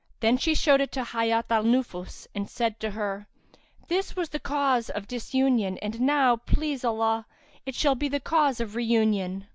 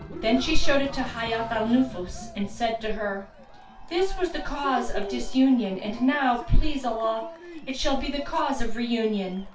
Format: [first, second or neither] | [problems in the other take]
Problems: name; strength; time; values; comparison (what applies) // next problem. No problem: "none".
first | background sound (Cheering); 17 dB below the speech // room echo; dies away in 0.3 s